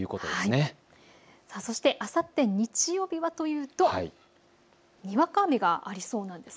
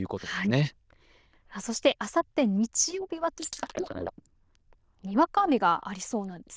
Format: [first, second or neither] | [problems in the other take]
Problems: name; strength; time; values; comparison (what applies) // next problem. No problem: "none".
first | noise reduction (neural diffusion model UNIVERSE++)